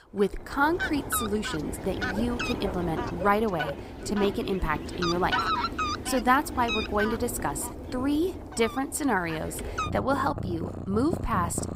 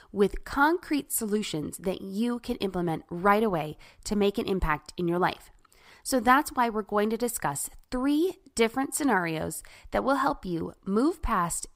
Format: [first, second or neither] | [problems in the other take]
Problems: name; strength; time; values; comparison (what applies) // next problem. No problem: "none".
second | animal sounds; loud; throughout; 4 dB below the speech